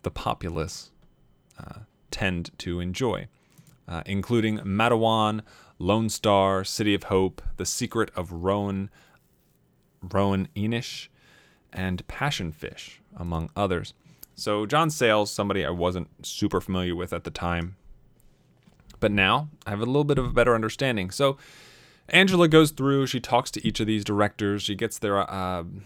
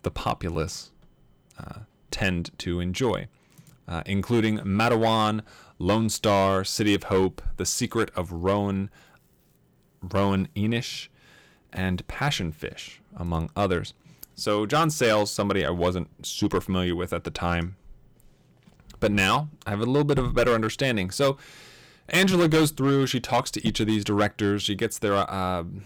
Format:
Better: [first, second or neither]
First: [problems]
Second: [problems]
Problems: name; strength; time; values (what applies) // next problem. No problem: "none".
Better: first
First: none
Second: distortion; slight; 4% of the sound clipped